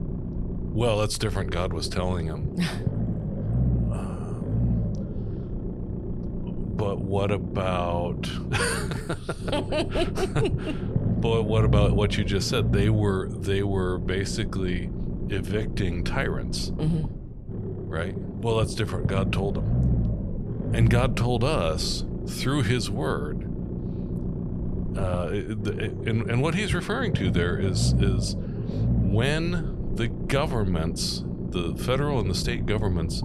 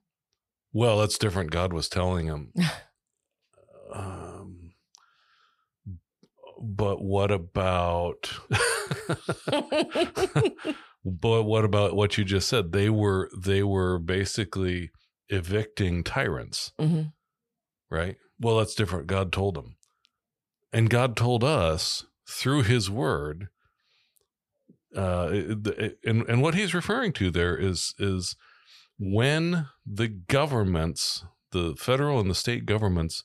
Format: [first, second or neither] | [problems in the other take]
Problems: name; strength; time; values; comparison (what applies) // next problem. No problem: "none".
second | low rumble; loud; throughout; 9 dB below the speech